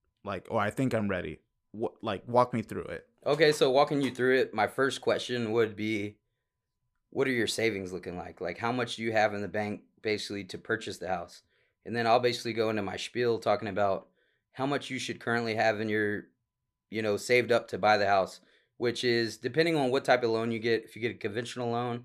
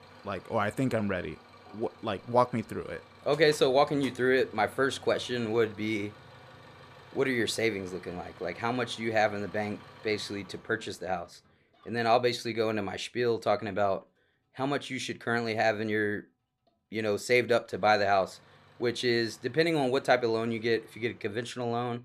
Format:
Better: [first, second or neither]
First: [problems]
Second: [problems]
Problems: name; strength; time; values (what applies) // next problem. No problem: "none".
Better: first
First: none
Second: traffic noise; faint; throughout; 25 dB below the speech